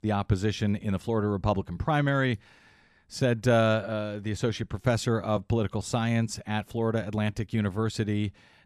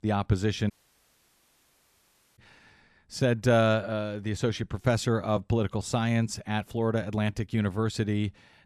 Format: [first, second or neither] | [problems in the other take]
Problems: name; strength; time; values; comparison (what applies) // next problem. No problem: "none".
first | audio cutting out; at 0.5 s for 1.5 s